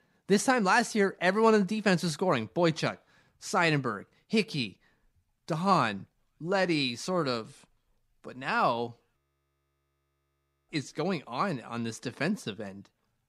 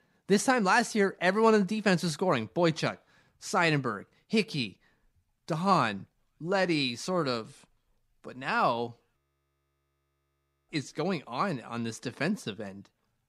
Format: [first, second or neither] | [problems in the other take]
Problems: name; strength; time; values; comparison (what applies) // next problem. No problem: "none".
neither | audio freezing; at 9 s for 1.5 s; the same in both